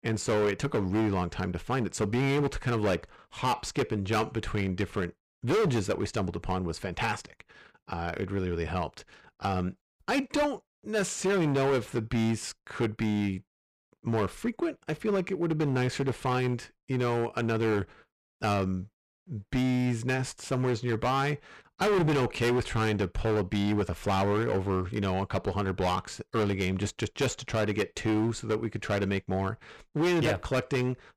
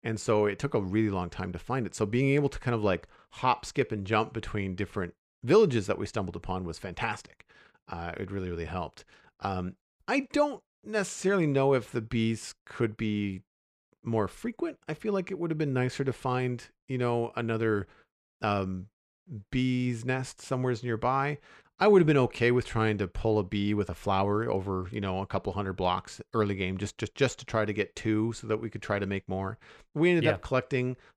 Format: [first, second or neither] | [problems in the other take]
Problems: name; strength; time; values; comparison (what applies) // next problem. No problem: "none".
second | distortion; heavy; 12% of the sound clipped